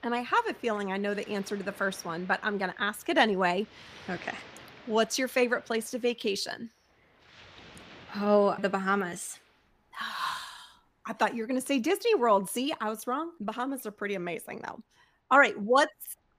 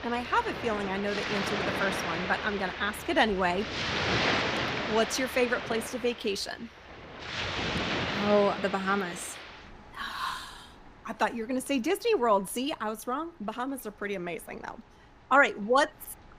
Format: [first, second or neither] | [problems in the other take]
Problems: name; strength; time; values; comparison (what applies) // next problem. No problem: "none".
first | rain or running water; loud; throughout; 3 dB below the speech; faint in the first